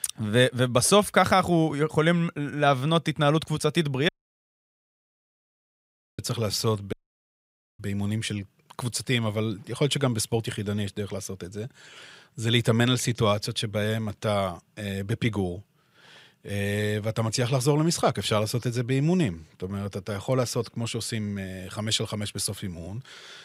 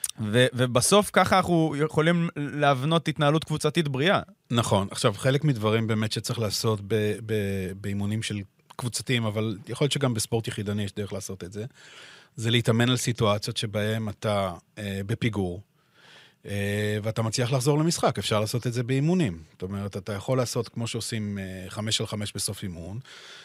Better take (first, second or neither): second